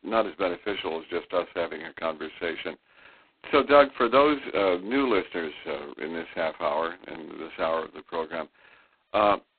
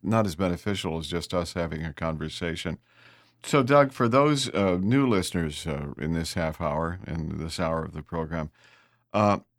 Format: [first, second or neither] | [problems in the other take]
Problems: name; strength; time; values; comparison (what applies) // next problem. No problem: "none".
second | phone-call audio; poor line; nothing above 4 kHz